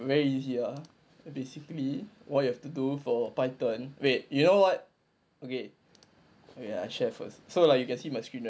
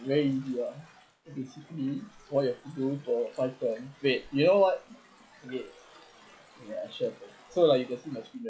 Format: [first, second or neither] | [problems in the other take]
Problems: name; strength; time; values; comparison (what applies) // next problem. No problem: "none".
first | noise reduction (classical method log-MMSE)